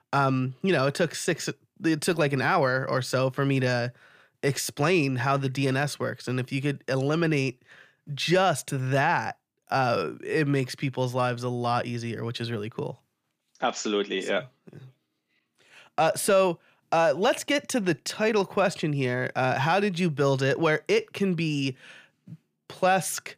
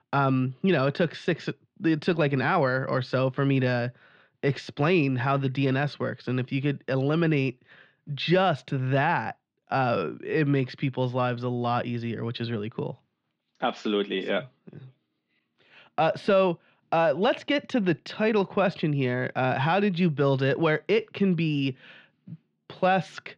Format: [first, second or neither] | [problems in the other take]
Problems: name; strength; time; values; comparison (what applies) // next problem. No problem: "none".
first | muffled; slightly; fading above 4 kHz